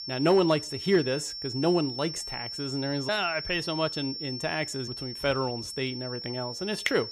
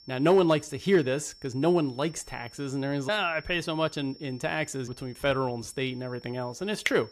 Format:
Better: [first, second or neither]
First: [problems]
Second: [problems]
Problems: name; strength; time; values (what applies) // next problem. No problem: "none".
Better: second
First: high-pitched whine; loud; throughout; 5.5 kHz, 6 dB below the speech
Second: high-pitched whine; faint; throughout; 5.5 kHz, 25 dB below the speech